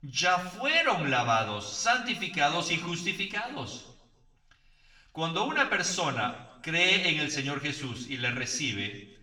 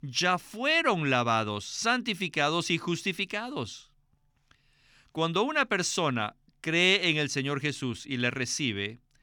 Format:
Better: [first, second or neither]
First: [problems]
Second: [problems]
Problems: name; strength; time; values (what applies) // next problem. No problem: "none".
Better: second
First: room echo; slight; dies away in 0.7 s // off-mic speech; far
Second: none